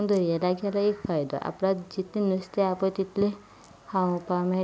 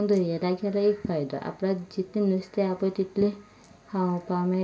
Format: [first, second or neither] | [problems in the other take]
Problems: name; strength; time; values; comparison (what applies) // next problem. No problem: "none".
first | room echo; dies away in 0.2 s